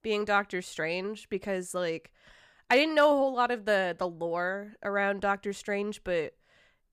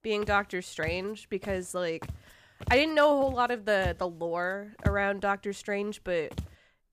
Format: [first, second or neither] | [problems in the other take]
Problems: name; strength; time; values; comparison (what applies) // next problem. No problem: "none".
first | footsteps; noticeable; peak 5 dB below the speech